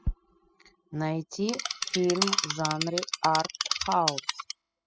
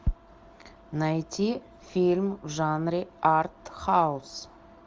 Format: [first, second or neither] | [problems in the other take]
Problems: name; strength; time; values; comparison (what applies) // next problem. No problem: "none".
second | noise reduction (classical method spectral subtraction)